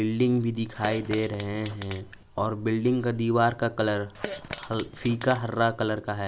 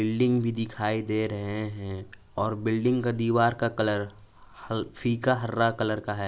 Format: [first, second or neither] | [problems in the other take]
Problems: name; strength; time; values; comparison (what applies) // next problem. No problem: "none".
second | background sound (Fart); 13 dB below the speech